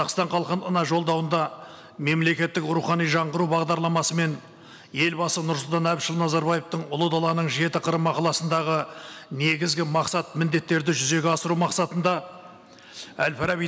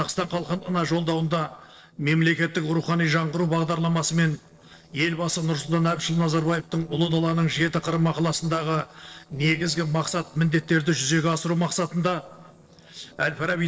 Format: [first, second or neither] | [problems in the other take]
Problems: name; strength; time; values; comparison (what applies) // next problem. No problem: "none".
first | noise reduction (neural separator model SepFormer DNS4)